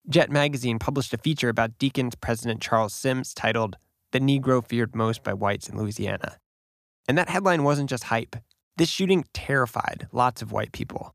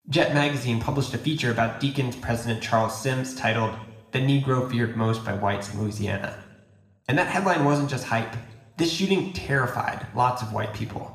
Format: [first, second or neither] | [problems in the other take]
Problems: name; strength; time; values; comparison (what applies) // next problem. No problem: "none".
first | room echo; slight; dies away in 0.8 s // off-mic speech; somewhat distant